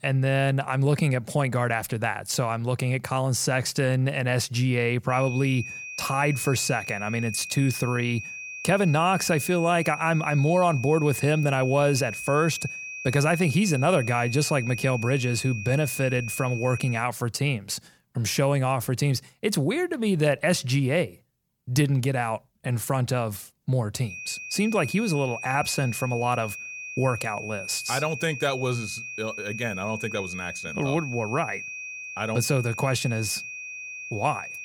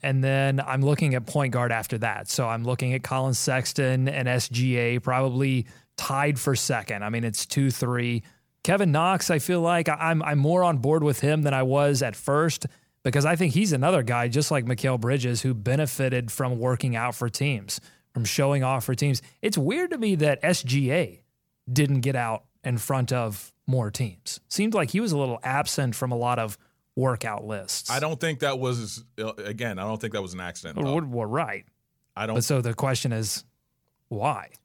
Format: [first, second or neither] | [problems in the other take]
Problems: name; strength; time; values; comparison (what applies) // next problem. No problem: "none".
second | high-pitched whine; loud; from 5 to 17 s and from 24 s on; 2.5 kHz, 9 dB below the speech